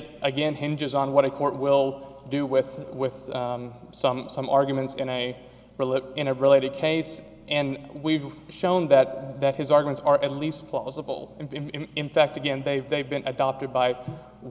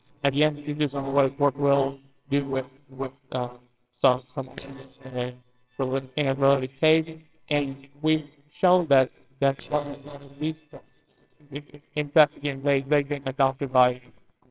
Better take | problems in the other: first | noise reduction (neural separator model SepFormer WHAMR!)

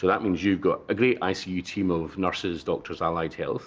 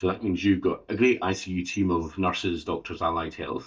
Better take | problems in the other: first | noise reduction (neural mask model DeepFilterNet 3)

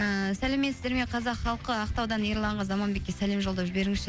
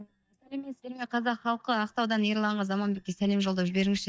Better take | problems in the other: first | noise reduction (neural mask model DeepFilterNet 3)

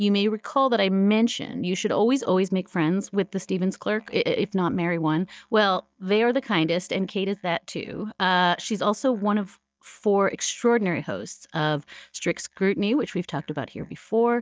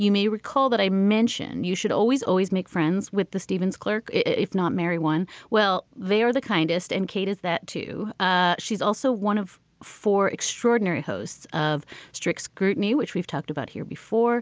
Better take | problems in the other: second | noise reduction (neural mask model DeepFilterNet 3)

